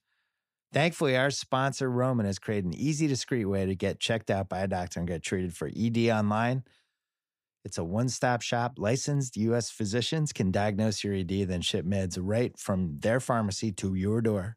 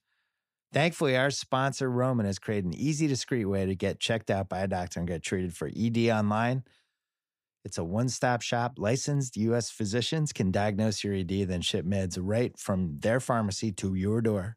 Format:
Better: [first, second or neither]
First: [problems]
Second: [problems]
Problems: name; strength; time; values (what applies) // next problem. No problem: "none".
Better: neither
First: none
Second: none